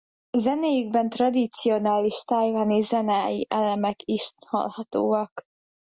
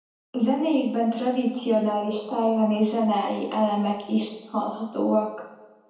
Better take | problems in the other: first | room echo; dies away in 0.9 s

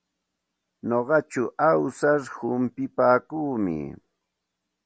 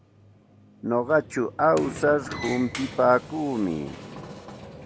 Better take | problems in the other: first | background sound (Sliding door); 14 dB below the speech

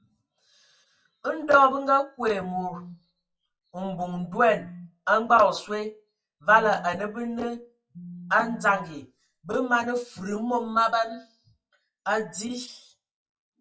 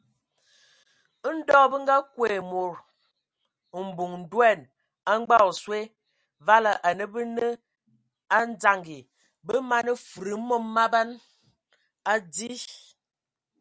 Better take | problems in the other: second | noise reduction (classical method WPE with log-MMSE)

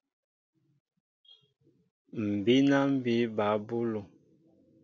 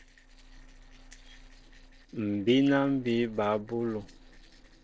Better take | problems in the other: first | noise reduction (neural separator model SepFormer DNS4)

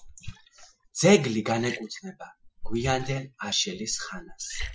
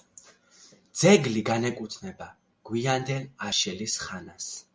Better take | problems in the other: second | noise reduction (classical method Wiener filter)

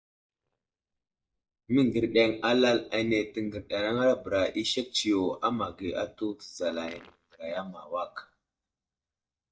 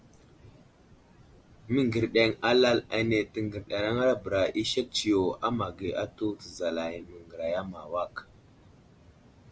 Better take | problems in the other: second | noise reduction (neural mask model DeepFilterNet 3)

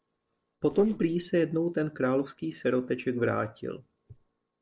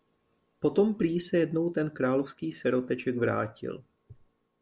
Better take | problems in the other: second | noise reduction (neural separator model SepFormer DNS4)

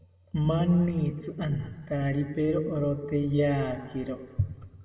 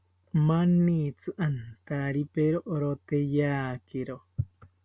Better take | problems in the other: second | room echo; dies away in 1.6 s

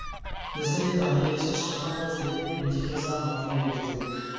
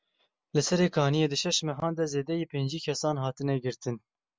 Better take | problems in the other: second | background sound (Fowl); 8 dB below the speech // room echo; dies away in 2.1 s

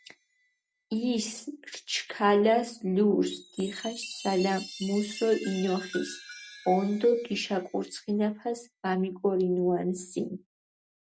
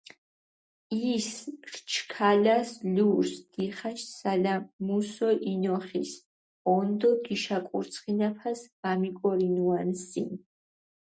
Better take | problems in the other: second | background sound (Chime); 19 dB below the speech

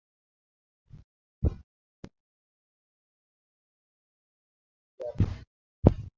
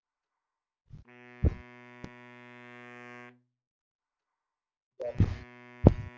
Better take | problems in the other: first | background sound (Wind instrument, woodwind instrument); 19 dB below the speech

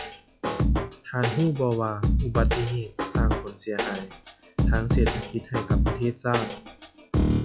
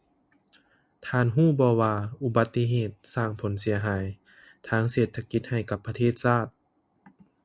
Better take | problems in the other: second | noise reduction (classical method log-MMSE)

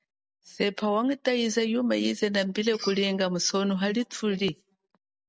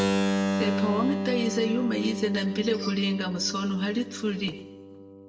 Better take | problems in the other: first | background sound (Keyboard (musical)); 1 dB below the speech // room echo; dies away in 0.8 s

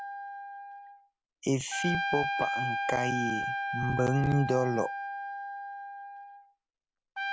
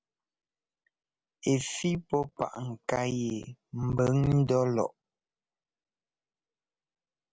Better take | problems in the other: second | background sound (Trumpet); 2 dB below the speech

